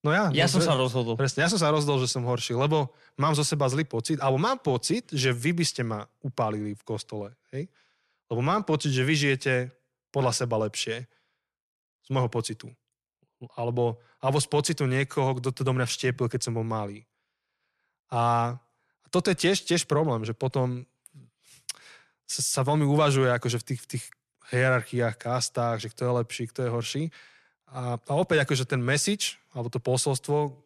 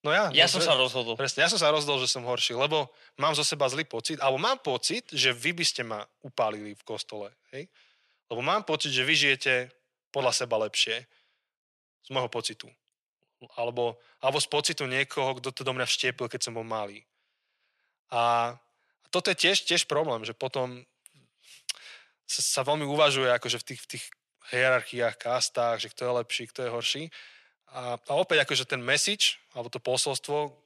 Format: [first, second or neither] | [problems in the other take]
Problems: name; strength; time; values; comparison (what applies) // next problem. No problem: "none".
first | thin; somewhat; fading below 900 Hz